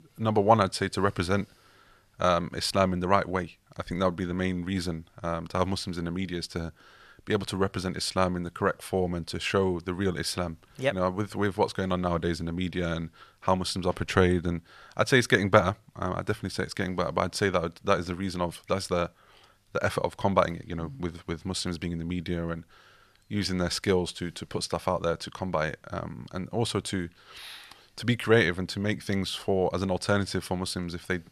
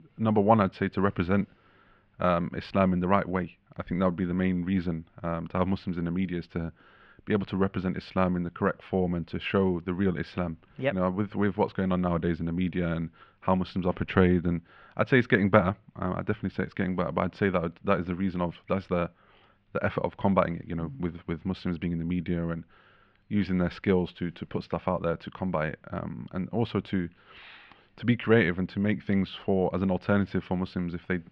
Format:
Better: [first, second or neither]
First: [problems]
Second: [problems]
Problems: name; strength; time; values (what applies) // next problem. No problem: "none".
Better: first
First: none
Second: muffled; very; fading above 3 kHz